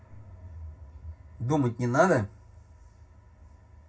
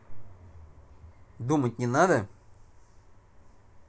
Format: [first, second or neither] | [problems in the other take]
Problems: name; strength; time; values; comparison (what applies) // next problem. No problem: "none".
second | room echo; dies away in 0.4 s